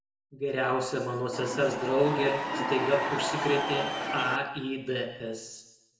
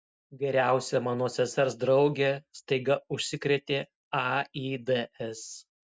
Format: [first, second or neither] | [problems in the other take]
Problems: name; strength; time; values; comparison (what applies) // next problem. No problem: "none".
second | background sound (Crowd / Cheering); 2 dB below the speech // room echo; dies away in 1 s